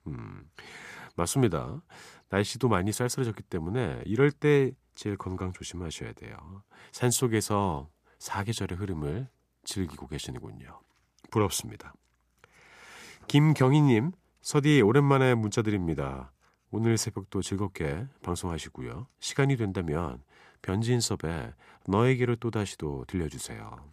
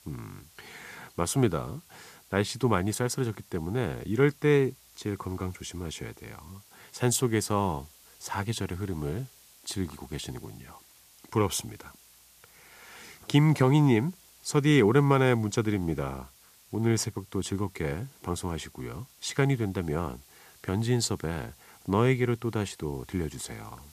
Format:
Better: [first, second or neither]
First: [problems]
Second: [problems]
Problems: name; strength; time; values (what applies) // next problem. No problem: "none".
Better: first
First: none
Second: hiss; faint; throughout; 25 dB below the speech